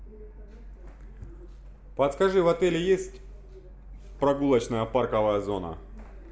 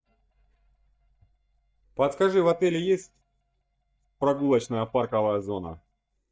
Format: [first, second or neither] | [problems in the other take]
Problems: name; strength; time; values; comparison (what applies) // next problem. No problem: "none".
first | noise reduction (neural mask model DeepFilterNet 3)